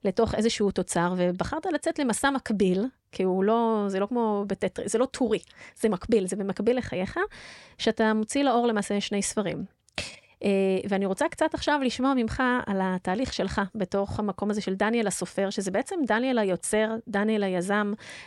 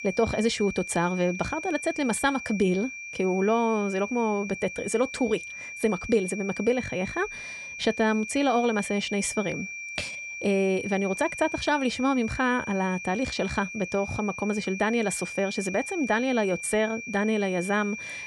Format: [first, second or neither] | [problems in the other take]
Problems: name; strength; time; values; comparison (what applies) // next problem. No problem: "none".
first | high-pitched whine; loud; throughout; 2.5 kHz, 9 dB below the speech